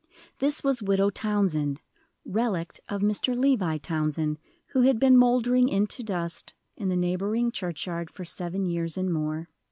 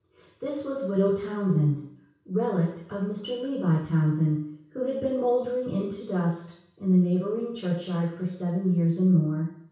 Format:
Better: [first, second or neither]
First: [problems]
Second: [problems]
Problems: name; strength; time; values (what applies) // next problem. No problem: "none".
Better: first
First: none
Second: room echo; dies away in 0.6 s